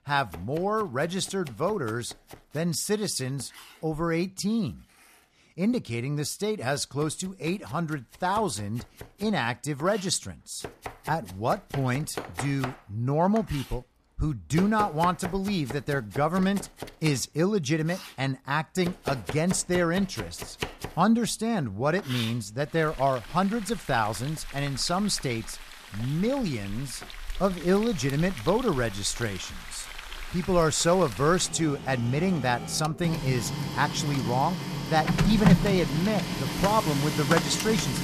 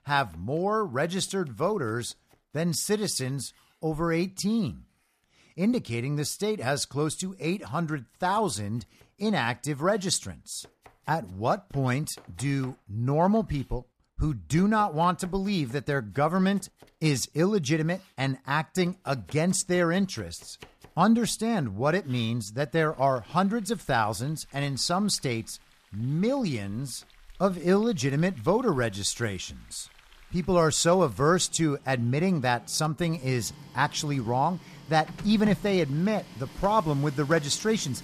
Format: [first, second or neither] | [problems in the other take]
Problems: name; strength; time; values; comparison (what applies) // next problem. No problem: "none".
second | household noises; loud; throughout; 7 dB below the speech; faint in the second